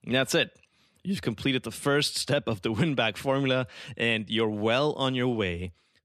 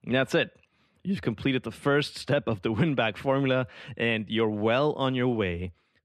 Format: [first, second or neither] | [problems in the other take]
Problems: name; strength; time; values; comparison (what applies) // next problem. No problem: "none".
first | muffled; slightly; fading above 3.5 kHz